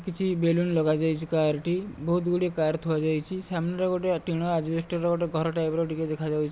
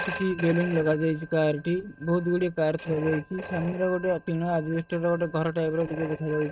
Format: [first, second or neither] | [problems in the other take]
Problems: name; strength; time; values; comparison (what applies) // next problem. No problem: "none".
first | noise reduction (neural mask model RNNoise)